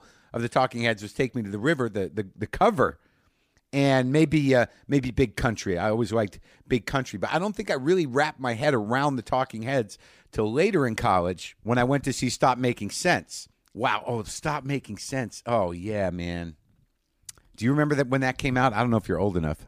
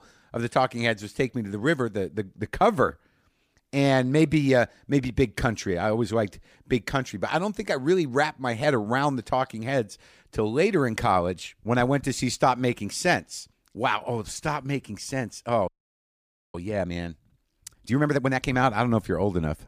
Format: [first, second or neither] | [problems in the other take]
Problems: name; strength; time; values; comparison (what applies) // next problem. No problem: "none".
first | audio freezing; at 16 s for 1 s